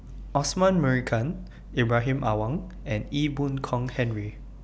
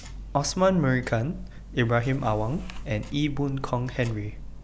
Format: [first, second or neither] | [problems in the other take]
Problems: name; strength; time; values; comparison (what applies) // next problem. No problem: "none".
first | background sound (Tick-tock); 14 dB below the speech